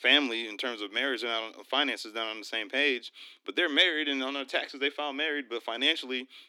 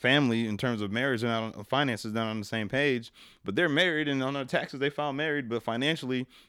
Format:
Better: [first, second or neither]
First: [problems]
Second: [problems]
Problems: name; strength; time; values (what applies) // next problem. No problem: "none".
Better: second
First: thin; very slightly; fading below 250 Hz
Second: none